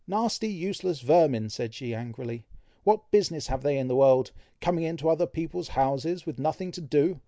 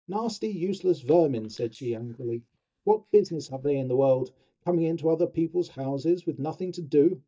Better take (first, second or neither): first